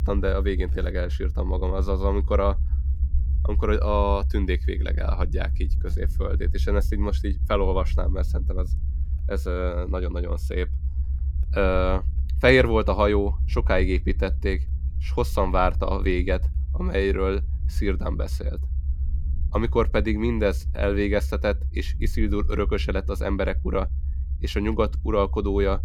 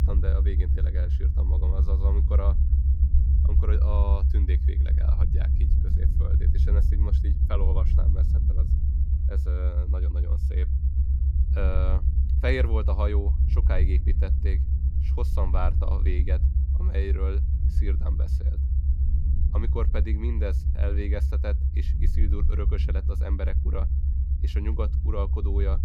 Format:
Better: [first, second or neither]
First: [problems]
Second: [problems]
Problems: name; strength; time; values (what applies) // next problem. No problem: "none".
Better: first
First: low rumble; faint; throughout; 20 dB below the speech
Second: low rumble; loud; throughout; 5 dB below the speech